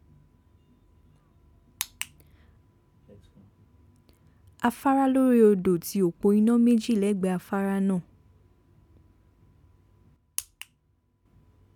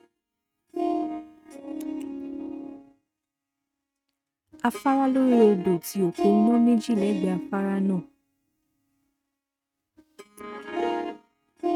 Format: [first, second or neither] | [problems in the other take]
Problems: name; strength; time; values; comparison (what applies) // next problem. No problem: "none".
first | noise reduction (neural mask model RNNoise)